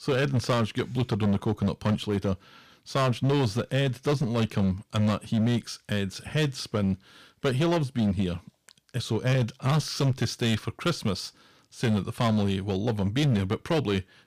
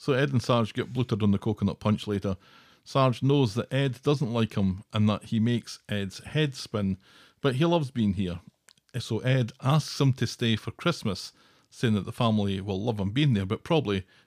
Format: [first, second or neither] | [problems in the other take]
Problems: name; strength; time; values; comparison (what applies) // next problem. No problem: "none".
second | distortion; slight; 13% of the sound clipped